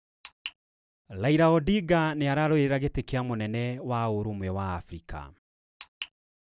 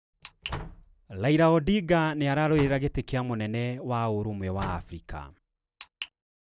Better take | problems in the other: first | background sound (Slam); 16 dB below the speech

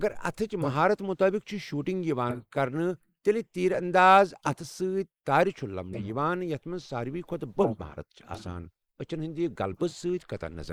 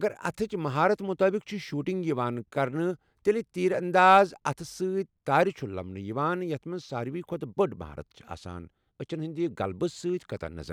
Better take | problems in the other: second | noise reduction (neural mask model Resemble Enhance denoiser)

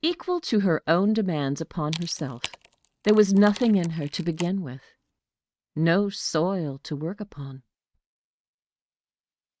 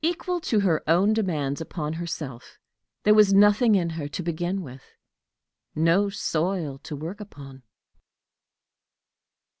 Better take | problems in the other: second | noise reduction (neural mask model RNNoise)

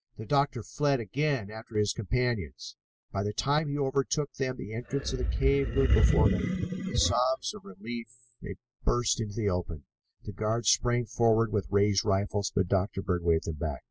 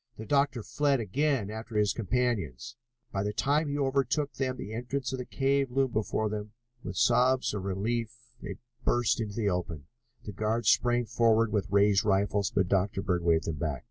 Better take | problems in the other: second | noise reduction (classical method spectral subtraction)

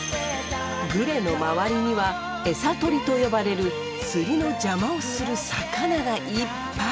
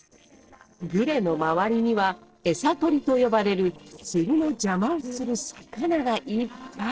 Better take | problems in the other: first | noise reduction (neural separator model SepFormer DNS4)

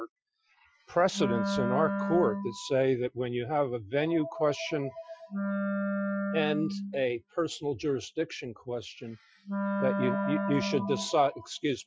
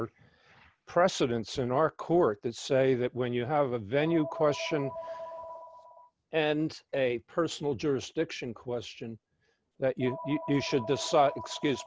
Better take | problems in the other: second | noise reduction (classical method Wiener filter)

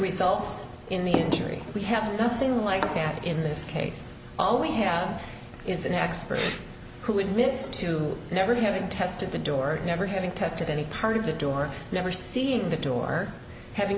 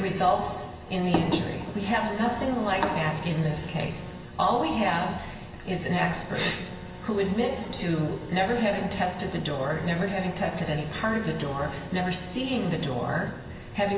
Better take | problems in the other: first | background sound (Organ); 18 dB below the speech // room echo; dies away in 1.1 s

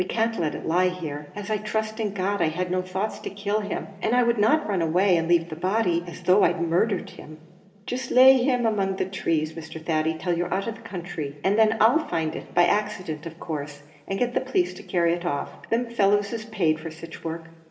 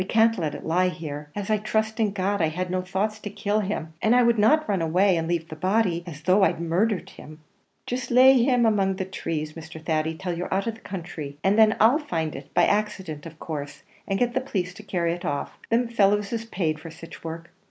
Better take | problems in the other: second | room echo; dies away in 2.2 s

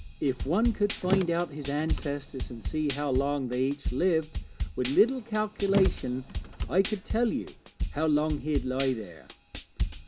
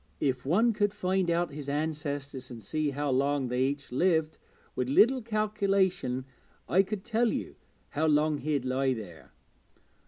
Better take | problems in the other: second | background sound (Car + Drum kit); 5 dB below the speech

